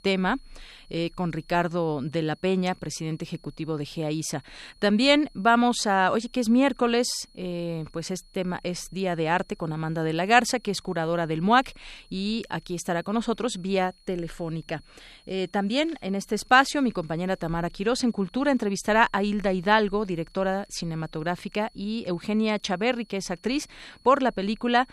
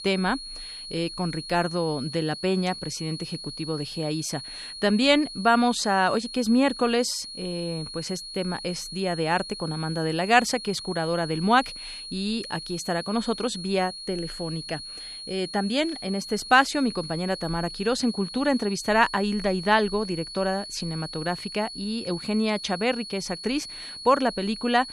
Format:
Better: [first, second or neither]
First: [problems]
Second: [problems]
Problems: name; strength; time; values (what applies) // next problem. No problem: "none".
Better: first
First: high-pitched whine; faint; throughout; 4.5 kHz, 30 dB below the speech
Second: high-pitched whine; loud; throughout; 4.5 kHz, 10 dB below the speech